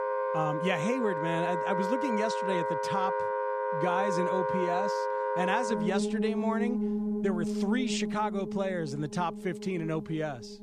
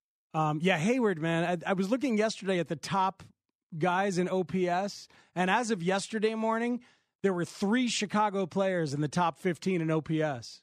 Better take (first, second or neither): second